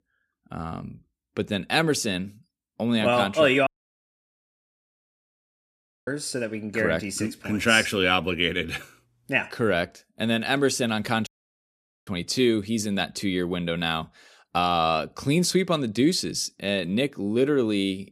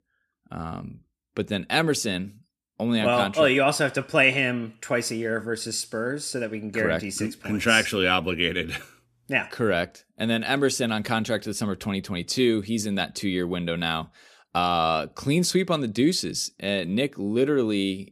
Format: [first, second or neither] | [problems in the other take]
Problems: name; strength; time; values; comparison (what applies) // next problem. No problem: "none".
second | audio cutting out; at 3.5 s for 2.5 s and at 11 s for 1 s